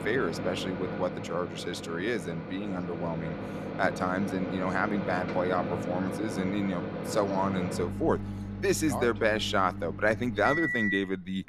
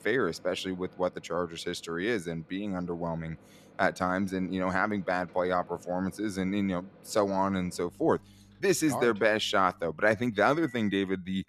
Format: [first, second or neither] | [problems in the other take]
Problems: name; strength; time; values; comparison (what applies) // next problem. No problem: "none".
second | household noises; loud; throughout; 5 dB below the speech; faint in the second